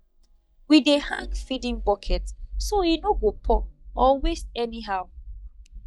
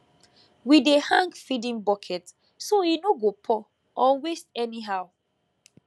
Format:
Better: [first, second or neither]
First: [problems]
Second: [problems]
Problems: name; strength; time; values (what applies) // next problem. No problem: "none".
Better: second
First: noise reduction (neural mask model DeepFilterNet 3)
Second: none